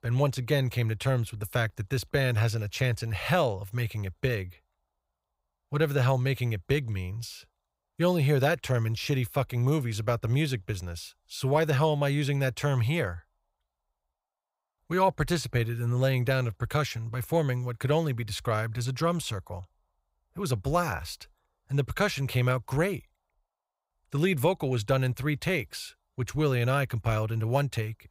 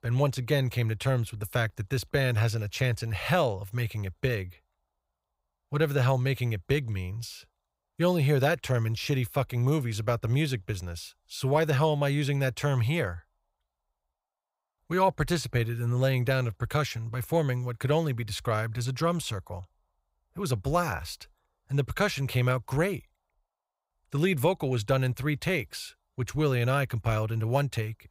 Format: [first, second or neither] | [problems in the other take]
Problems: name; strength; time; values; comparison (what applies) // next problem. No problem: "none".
neither | none